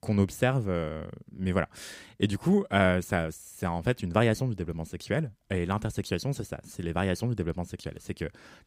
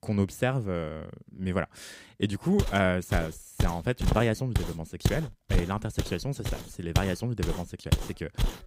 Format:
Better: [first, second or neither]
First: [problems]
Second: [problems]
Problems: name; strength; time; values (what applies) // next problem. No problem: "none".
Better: first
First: none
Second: footsteps; loud; from 2.5 s on; peak 1 dB above the speech